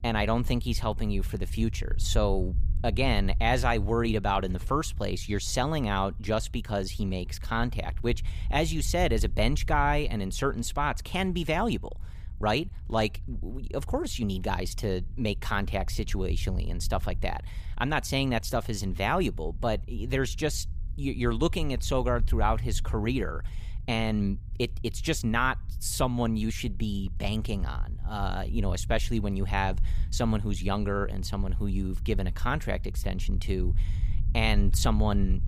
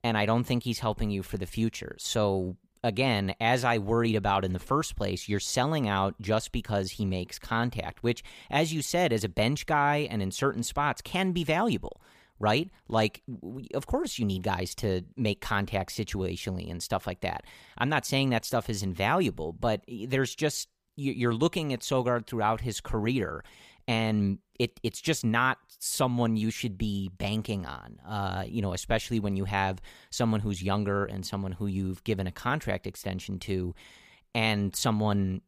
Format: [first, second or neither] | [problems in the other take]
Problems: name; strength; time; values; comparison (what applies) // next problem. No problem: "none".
second | low rumble; faint; throughout; 25 dB below the speech